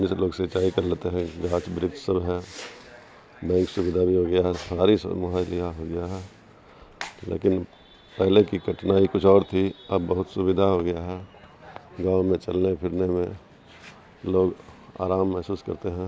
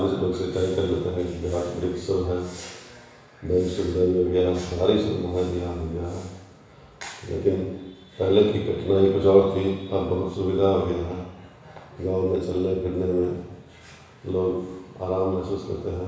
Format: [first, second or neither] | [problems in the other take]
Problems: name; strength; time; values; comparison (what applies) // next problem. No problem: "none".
first | room echo; dies away in 1.1 s